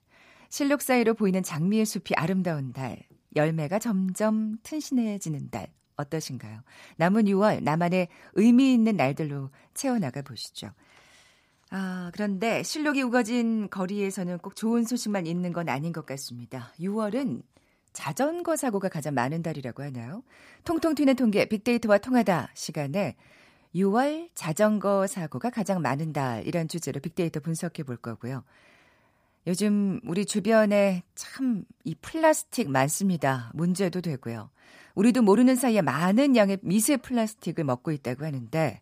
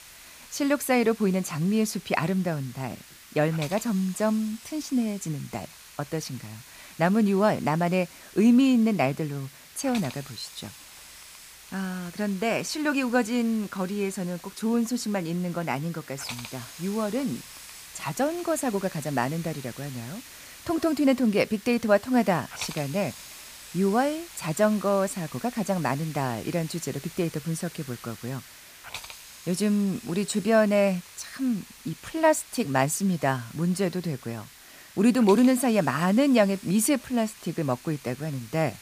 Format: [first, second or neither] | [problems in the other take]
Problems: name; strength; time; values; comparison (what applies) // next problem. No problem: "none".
first | hiss; noticeable; throughout; 15 dB below the speech